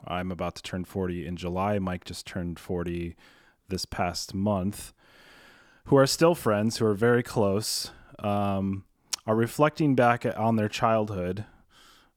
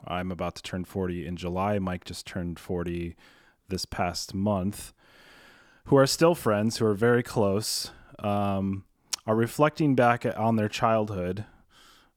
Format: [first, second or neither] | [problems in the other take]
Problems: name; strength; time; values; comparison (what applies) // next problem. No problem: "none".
neither | none